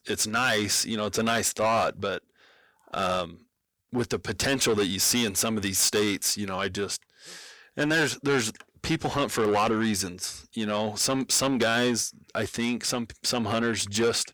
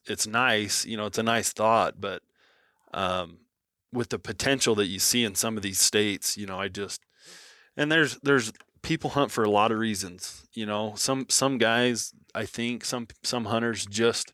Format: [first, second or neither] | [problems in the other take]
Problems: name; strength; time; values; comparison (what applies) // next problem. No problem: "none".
second | distortion; heavy; 7 dB below the speech